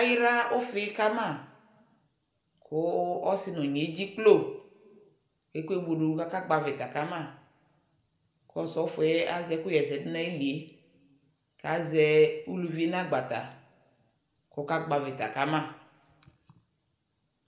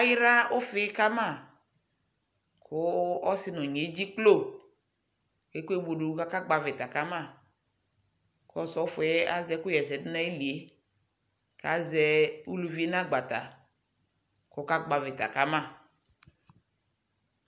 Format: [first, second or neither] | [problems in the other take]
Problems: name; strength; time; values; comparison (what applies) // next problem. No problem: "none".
second | room echo; dies away in 0.8 s